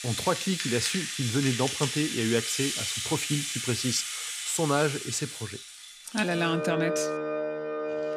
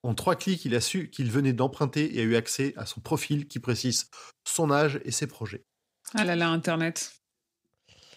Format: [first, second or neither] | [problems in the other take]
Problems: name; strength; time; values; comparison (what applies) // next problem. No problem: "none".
second | background music; loud; throughout; 2 dB below the speech